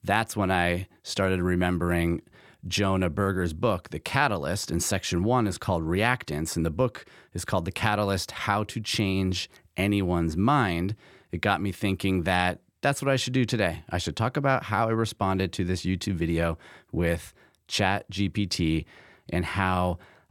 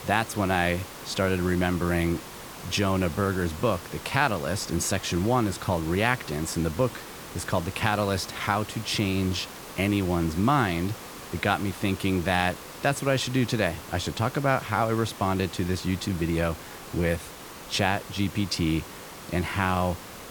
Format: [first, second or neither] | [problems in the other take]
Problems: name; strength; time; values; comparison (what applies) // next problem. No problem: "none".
first | hiss; noticeable; throughout; 15 dB below the speech